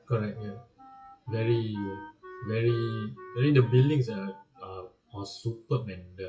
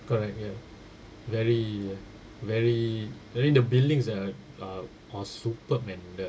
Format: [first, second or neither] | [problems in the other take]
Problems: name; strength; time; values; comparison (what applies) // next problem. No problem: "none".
second | noise reduction (classical method WPE with log-MMSE)